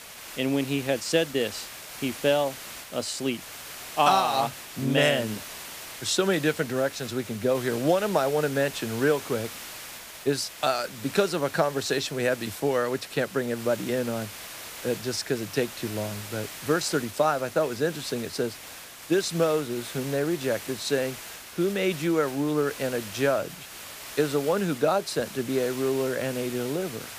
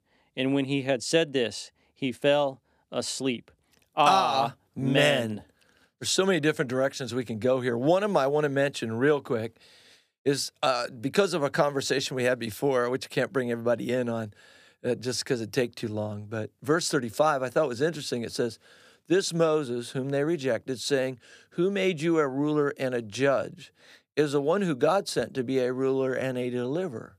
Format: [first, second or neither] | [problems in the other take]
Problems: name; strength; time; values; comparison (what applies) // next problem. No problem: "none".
second | hiss; noticeable; throughout; 10 dB below the speech